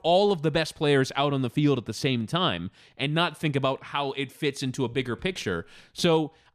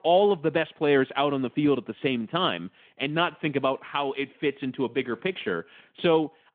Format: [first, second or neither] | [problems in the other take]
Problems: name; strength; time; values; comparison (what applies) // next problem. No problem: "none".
first | phone-call audio; nothing above 3.5 kHz